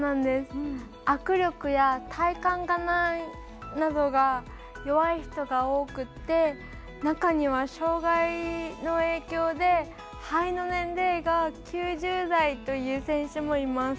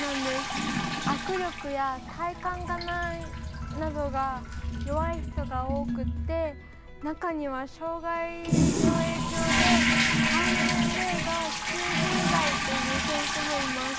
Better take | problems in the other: first | background sound (Toilet flush); 4 dB above the speech

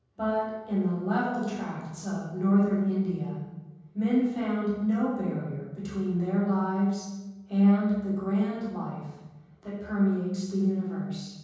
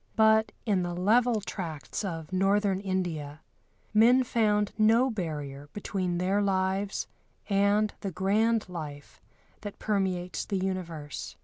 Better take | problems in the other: second | room echo; dies away in 1.3 s

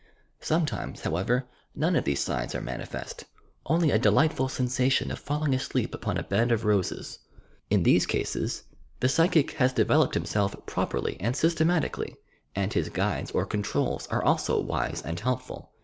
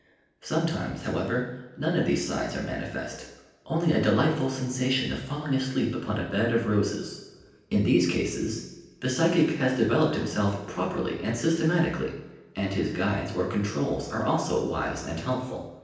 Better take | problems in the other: first | room echo; dies away in 0.9 s

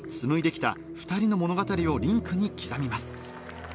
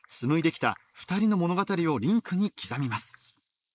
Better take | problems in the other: first | noise reduction (neural mask model Resemble Enhance denoiser)

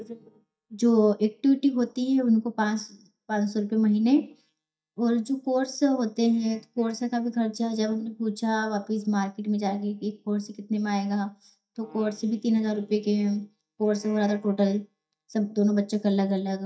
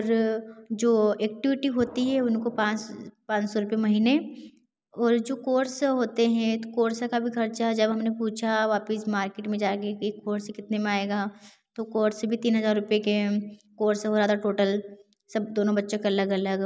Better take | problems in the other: second | noise reduction (neural mask model DeepFilterNet 3)

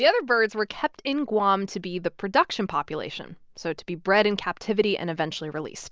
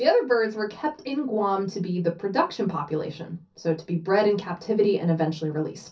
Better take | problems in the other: first | room echo; dies away in 0.3 s

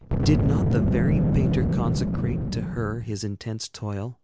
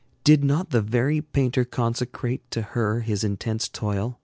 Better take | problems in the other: second | background sound (Boom); 4 dB above the speech

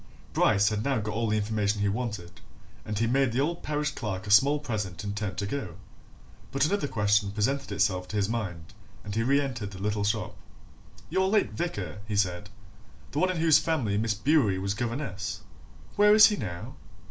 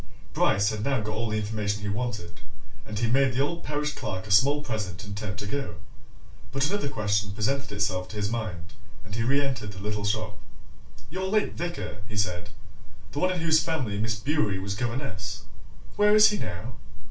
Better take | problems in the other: first | room echo; dies away in 0.3 s

